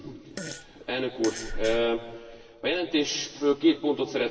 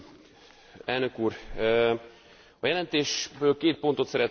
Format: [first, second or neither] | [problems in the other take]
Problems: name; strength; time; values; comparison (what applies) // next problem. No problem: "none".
second | background sound (Fart); 13 dB below the speech // room echo; dies away in 1.7 s